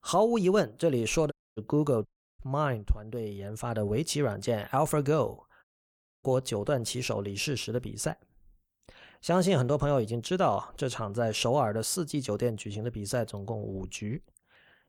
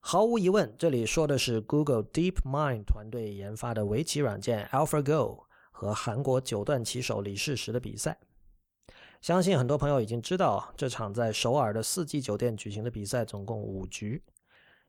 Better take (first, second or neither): second